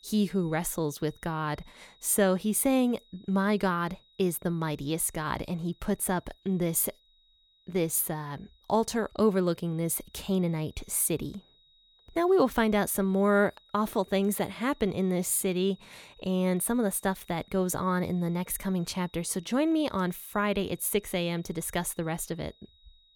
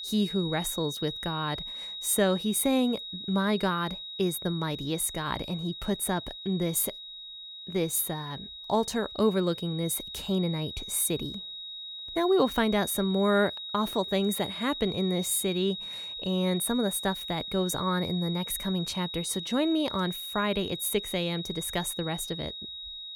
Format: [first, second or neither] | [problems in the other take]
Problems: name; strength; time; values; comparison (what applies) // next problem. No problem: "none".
first | high-pitched whine; loud; throughout; 4 kHz, 8 dB below the speech; faint in the first